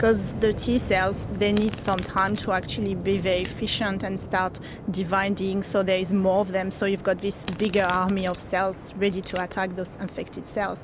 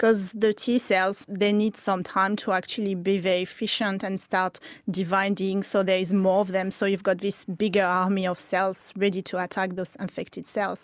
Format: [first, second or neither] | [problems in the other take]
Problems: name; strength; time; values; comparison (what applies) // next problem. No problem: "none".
second | background sound (Waves, surf + Domestic sounds, home sounds); 11 dB below the speech